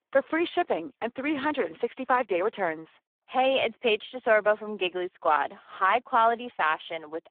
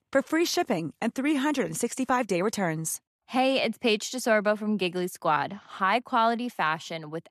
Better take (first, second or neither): second